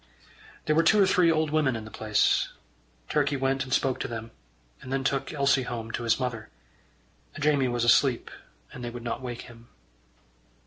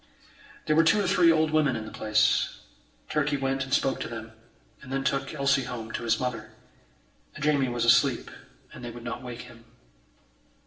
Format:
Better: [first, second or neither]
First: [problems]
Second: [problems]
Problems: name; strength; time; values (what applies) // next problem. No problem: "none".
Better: first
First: none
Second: room echo; dies away in 0.7 s